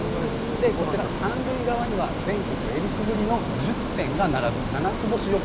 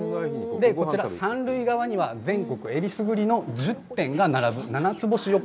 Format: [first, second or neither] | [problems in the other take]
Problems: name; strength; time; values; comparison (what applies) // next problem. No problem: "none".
second | background sound (Ocean); 1 dB below the speech